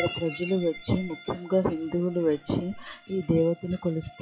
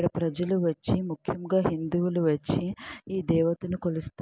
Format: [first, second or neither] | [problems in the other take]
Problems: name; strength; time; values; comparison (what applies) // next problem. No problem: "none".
second | noise reduction (classical method log-MMSE)